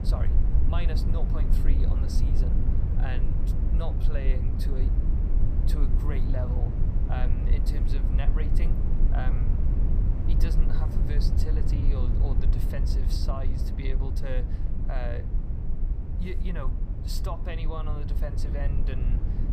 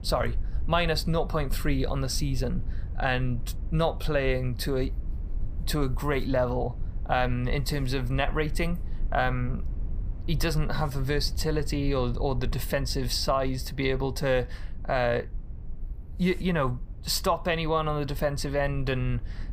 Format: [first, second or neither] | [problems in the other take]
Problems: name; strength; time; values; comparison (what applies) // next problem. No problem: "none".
second | low rumble; loud; throughout; 2 dB below the speech; faint in the second